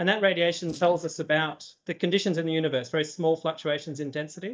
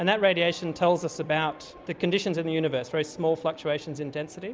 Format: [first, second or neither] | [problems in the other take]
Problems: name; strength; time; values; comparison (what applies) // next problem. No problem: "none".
second | noise reduction (neural mask model DeepFilterNet 3)